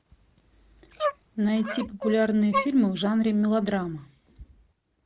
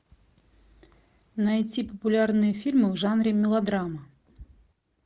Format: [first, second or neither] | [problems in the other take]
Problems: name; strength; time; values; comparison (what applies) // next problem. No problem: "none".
second | background sound (Dog); 8 dB below the speech